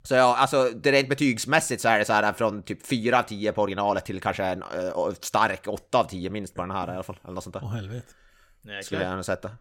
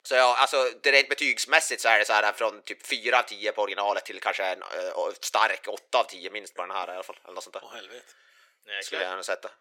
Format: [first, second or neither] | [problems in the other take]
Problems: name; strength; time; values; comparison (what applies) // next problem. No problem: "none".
first | thin; very; fading below 400 Hz